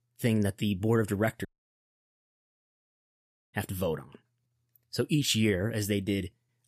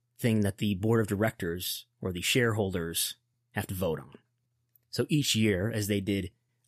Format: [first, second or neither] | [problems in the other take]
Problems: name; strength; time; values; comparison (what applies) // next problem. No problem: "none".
second | audio cutting out; at 1.5 s for 2 s